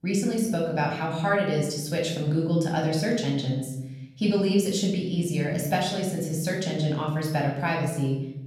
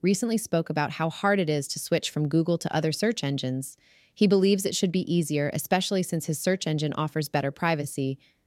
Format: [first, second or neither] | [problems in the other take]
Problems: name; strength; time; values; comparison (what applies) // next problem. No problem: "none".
second | room echo; noticeable; dies away in 1 s // off-mic speech; somewhat distant